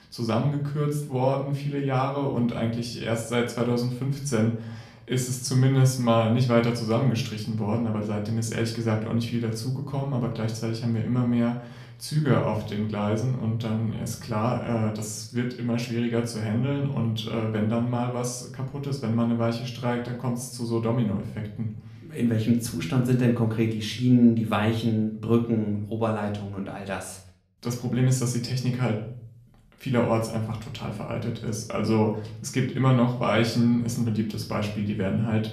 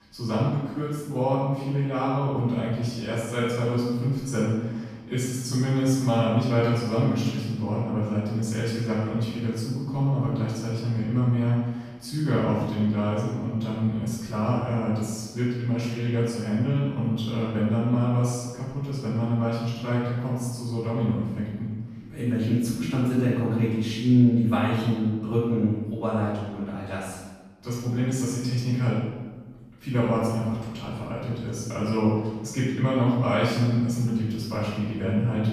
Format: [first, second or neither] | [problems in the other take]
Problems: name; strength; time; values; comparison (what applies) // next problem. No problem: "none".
first | room echo; strong; dies away in 1.2 s; slight in the first // off-mic speech; far; somewhat distant in the first